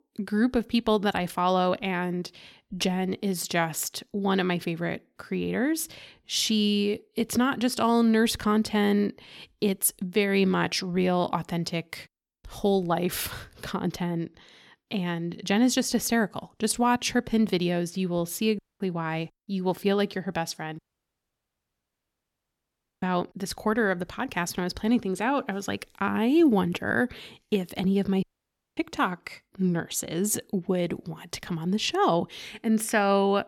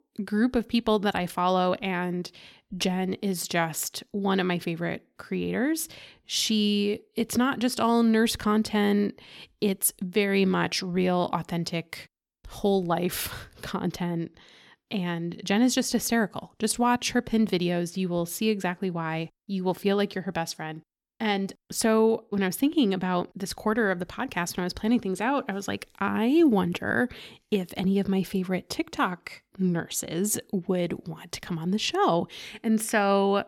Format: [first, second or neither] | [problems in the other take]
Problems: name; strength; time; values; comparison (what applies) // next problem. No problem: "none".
second | audio cutting out; at 19 s, at 21 s for 2 s and at 28 s for 0.5 s